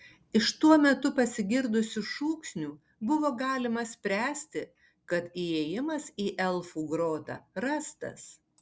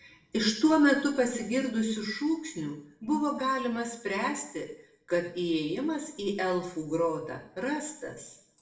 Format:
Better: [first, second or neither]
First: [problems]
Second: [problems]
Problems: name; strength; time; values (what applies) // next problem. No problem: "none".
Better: first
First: none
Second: room echo; dies away in 0.6 s